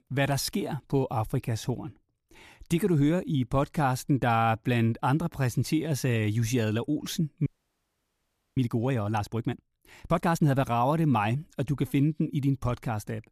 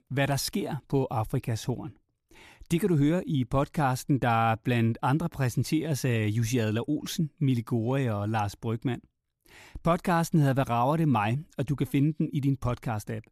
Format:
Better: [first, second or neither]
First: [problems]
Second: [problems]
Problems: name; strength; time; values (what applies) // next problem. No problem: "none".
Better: second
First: audio freezing; at 7.5 s for 1 s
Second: none